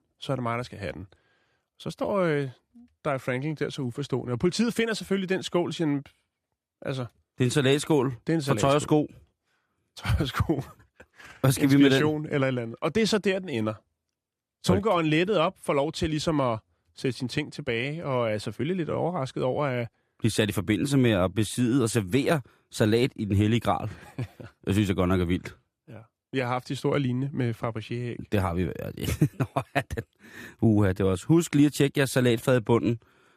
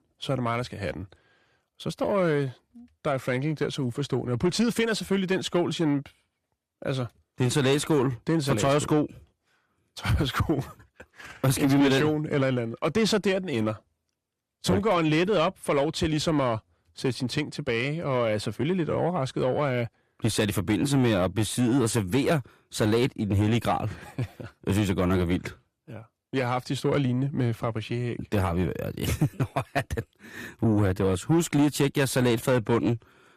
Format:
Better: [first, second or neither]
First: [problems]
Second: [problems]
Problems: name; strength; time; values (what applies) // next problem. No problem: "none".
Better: first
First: none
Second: distortion; slight; 10 dB below the speech